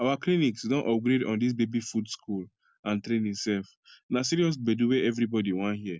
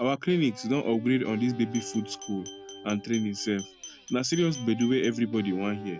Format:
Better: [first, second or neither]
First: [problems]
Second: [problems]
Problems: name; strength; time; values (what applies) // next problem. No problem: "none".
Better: first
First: none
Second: background sound (Guitar + Glass); 15 dB below the speech